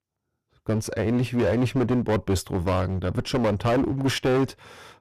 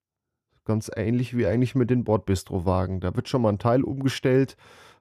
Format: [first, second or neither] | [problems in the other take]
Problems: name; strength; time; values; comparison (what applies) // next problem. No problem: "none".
second | distortion; heavy; 16% of the sound clipped